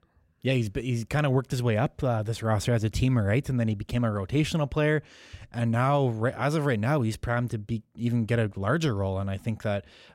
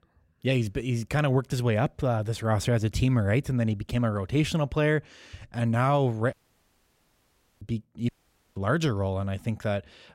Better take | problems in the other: first | audio cutting out; at 6.5 s for 1.5 s and at 8 s

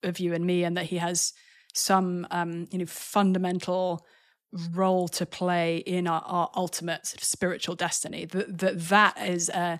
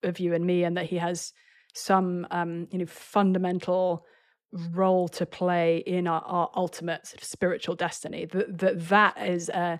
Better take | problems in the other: first | muffled; slightly; fading above 3.5 kHz

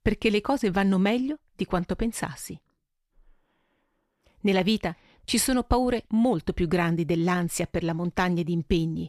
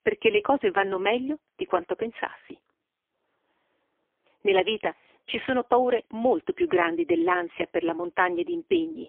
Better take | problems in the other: first | phone-call audio; poor line; nothing above 3.5 kHz

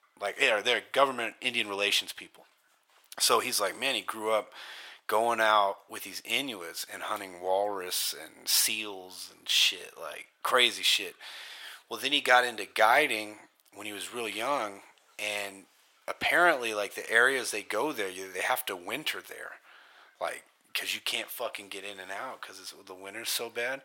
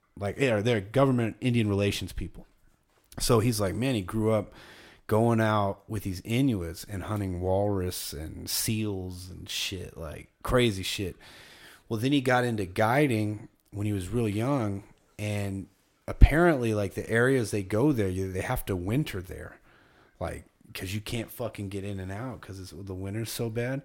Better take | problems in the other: second | thin; very; fading below 850 Hz

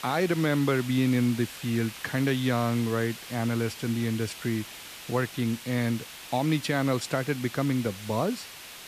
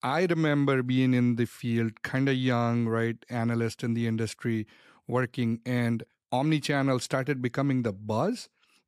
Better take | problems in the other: second | hiss; noticeable; throughout; 15 dB below the speech

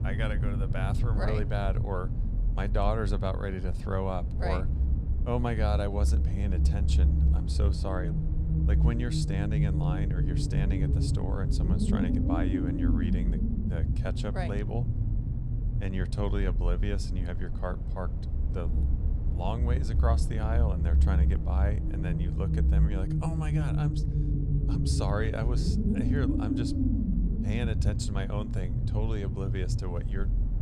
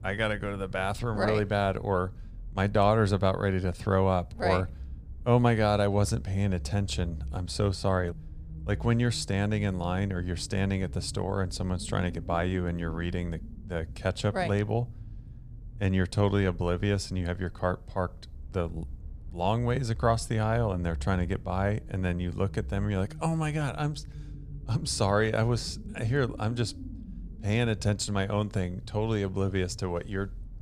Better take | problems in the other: second | low rumble; loud; throughout; 3 dB below the speech; faint in the second

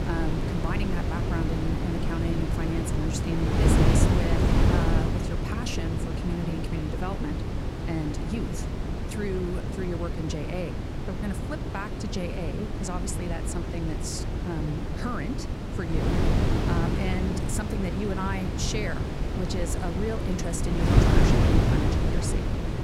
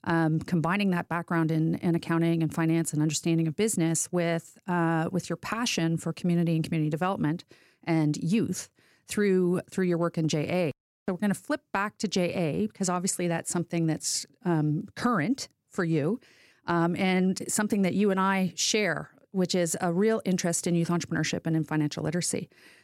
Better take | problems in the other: second | wind noise on the microphone; heavy; 2 dB above the speech

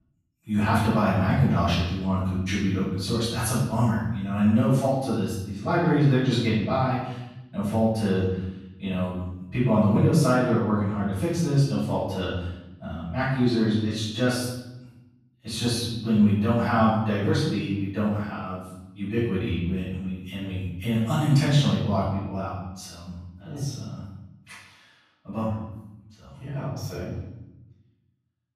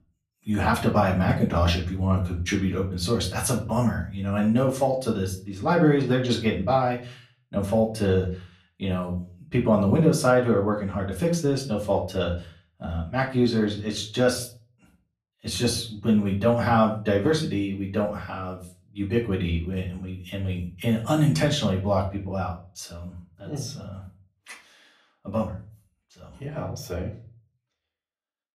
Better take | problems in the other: second | room echo; strong; dies away in 0.9 s; slight in the second // off-mic speech; far; far in the second

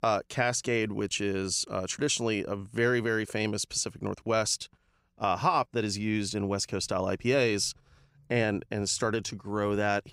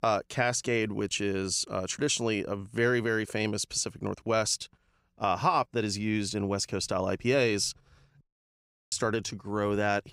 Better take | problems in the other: first | audio cutting out; at 8 s for 0.5 s

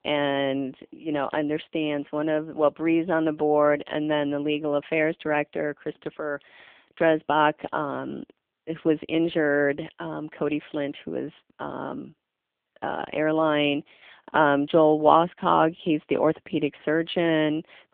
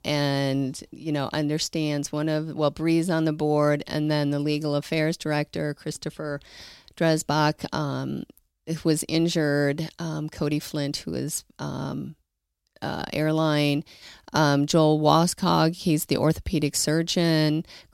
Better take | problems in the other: second | phone-call audio; poor line

